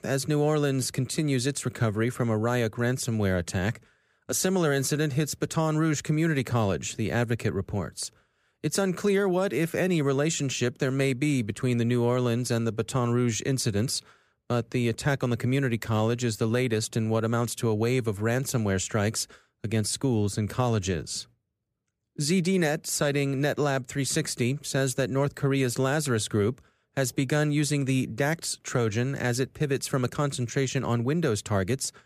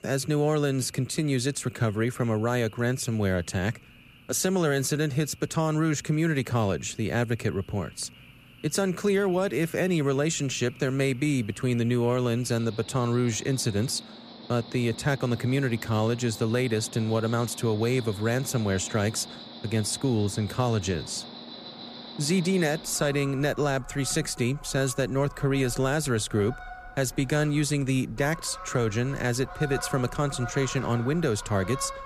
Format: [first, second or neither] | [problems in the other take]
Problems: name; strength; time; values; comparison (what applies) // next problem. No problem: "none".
first | animal sounds; noticeable; throughout; 15 dB below the speech